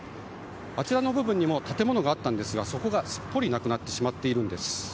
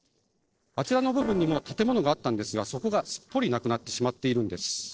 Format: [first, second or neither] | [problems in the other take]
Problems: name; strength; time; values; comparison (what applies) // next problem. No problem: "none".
first | noise reduction (neural separator model SepFormer DNS4)